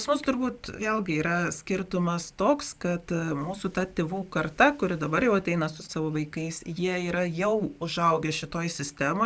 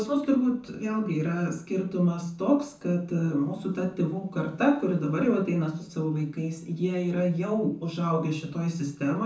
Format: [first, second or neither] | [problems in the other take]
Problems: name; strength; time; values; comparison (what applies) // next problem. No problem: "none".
first | room echo; dies away in 0.6 s